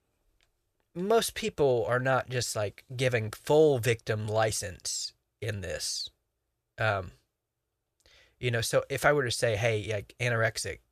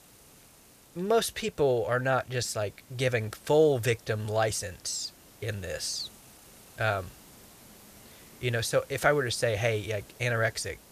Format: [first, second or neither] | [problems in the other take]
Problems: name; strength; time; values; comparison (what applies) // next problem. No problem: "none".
first | hiss; faint; throughout; 25 dB below the speech